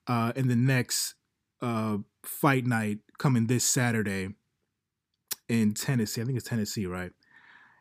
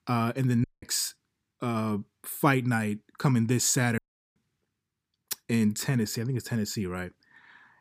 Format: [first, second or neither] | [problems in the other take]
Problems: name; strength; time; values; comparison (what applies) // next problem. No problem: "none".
first | audio cutting out; at 0.5 s and at 4 s